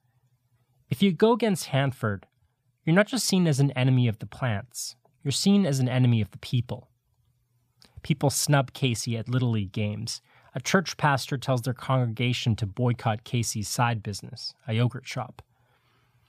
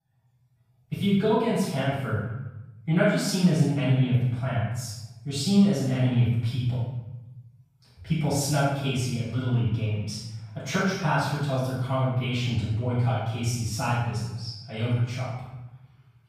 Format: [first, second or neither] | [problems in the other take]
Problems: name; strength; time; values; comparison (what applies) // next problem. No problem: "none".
first | off-mic speech; far // room echo; strong; dies away in 0.9 s